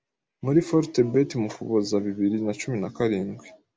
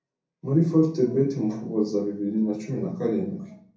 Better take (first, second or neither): first